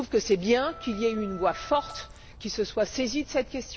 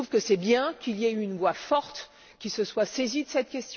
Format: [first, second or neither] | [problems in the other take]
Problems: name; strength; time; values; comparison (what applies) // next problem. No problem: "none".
second | background sound (Splash, splatter + Wind instrument, woodwind instrument); 16 dB below the speech